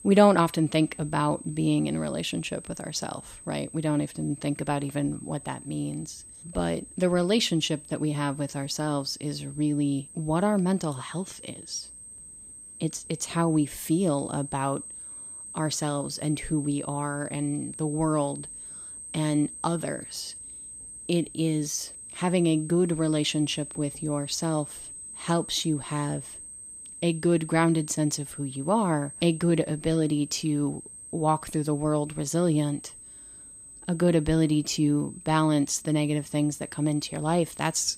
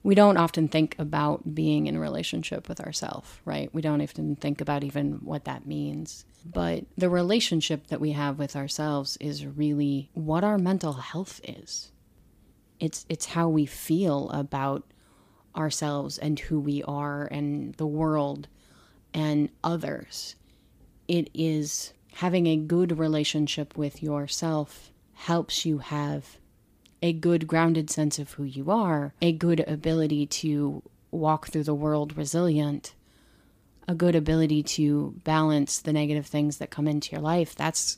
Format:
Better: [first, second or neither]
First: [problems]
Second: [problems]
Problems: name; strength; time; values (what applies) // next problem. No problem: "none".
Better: second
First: high-pitched whine; noticeable; throughout; 8.5 kHz, 15 dB below the speech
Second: none